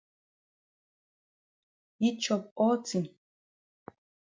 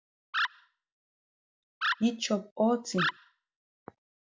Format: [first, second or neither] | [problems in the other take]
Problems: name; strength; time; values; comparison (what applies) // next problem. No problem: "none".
first | background sound (Animal); 2 dB below the speech